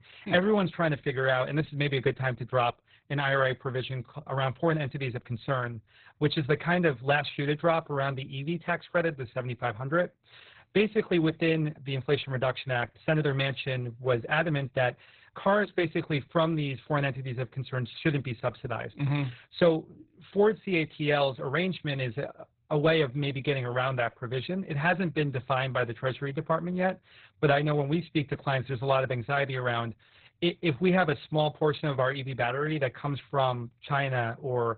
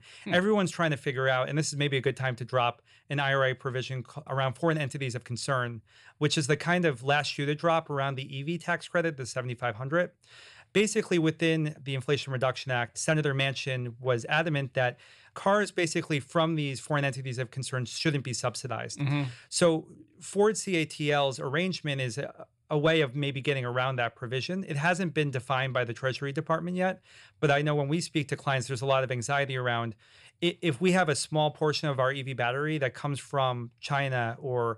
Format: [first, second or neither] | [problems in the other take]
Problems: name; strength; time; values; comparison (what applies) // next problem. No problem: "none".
second | garbled, watery; badly; nothing above 4 kHz